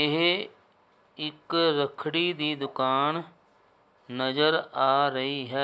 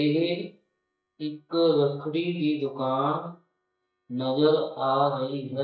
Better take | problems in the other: first | noise reduction (neural mask model DeepFilterNet 3)

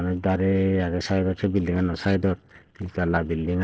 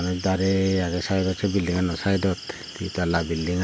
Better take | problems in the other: second | noise reduction (neural separator model SepFormer DNS4)

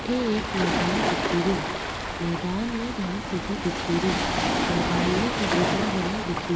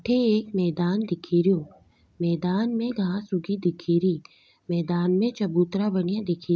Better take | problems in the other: second | background sound (Waves, surf); 1 dB above the speech

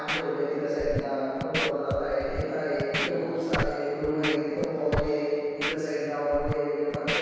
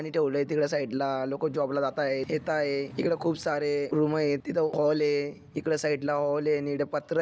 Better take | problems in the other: second | background sound (Scratching (performance technique)); 6 dB below the speech // room echo; dies away in 2.2 s

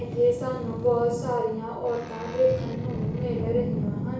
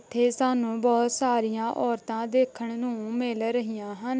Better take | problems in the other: second | background sound (Boat, Water vehicle); 4 dB below the speech // room echo; dies away in 0.6 s

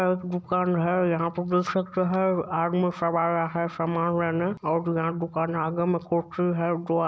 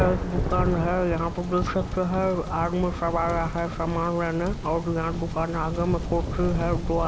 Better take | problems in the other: first | background sound (Thunder); 4 dB below the speech

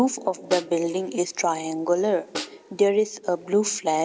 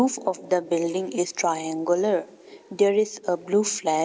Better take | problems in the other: second | background sound (Snare drum); 16 dB below the speech

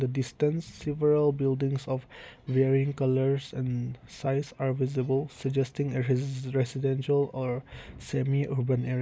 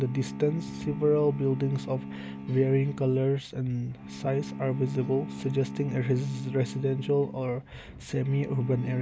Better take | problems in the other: first | background sound (Bowed string instrument); 11 dB below the speech

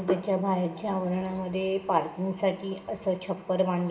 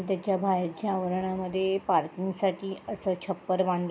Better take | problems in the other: second | background sound (Hands); 13 dB below the speech // room echo; dies away in 1 s

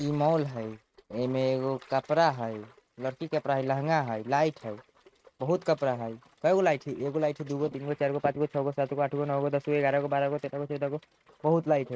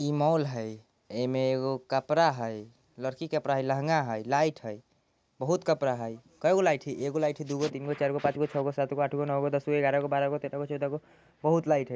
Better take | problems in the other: second | noise reduction (neural mask model RNNoise)

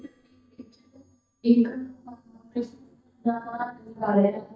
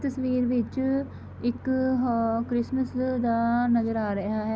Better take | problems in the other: second | noise reduction (neural mask model DeepFilterNet 3)

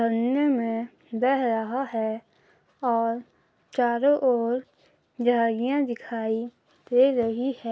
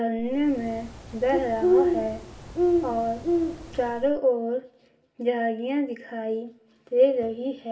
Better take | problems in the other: first | background sound (Bird); as loud as the speech // room echo; dies away in 0.4 s

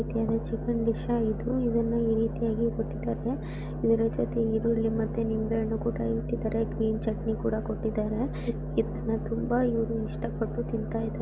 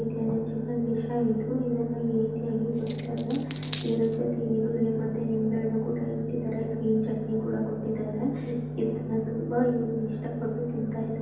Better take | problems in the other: first | background sound (Coin (dropping)); 18 dB below the speech // room echo; dies away in 0.9 s

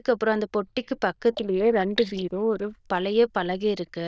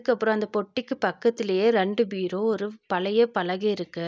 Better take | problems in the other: second | noise reduction (neural diffusion model UNIVERSE++)

